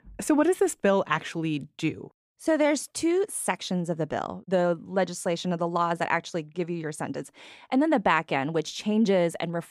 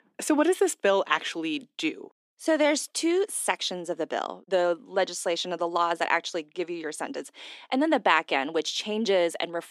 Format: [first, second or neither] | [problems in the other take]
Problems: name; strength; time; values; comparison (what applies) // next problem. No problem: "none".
first | thin; very slightly; fading below 300 Hz